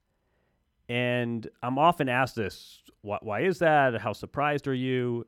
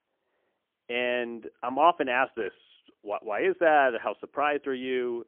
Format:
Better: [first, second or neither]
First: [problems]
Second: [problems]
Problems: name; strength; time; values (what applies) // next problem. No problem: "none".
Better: first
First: none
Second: phone-call audio; poor line; nothing above 3 kHz